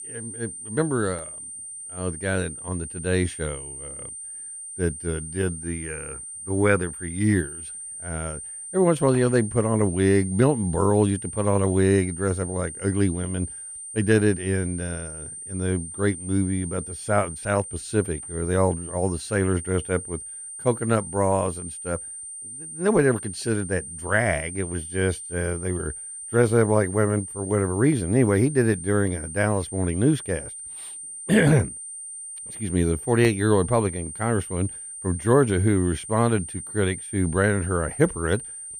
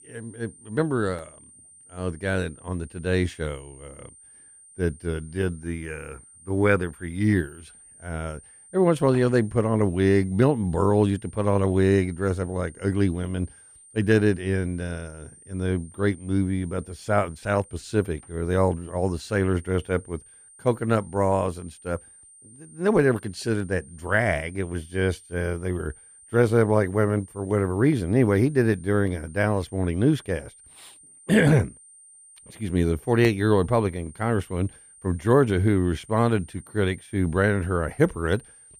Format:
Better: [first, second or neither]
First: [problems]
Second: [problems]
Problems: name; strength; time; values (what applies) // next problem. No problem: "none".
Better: second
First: high-pitched whine; loud; throughout; 9 kHz, 10 dB below the speech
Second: high-pitched whine; faint; throughout; 9 kHz, 25 dB below the speech